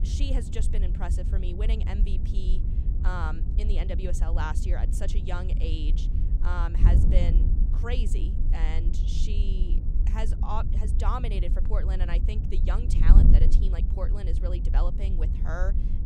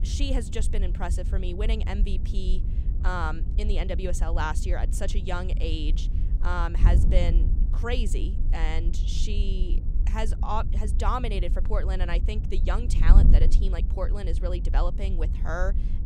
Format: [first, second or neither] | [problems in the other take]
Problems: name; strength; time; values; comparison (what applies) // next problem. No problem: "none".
second | wind noise on the microphone; heavy; 6 dB below the speech; occasional gusts in the second